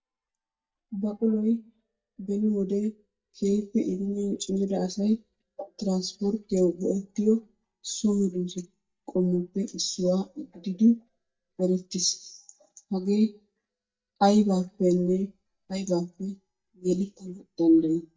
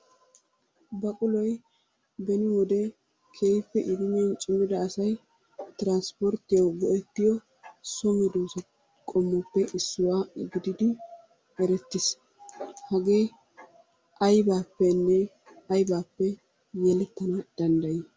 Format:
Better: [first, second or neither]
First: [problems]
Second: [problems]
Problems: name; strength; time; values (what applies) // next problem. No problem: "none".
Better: second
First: noise reduction (neural mask model DeepFilterNet 3)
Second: none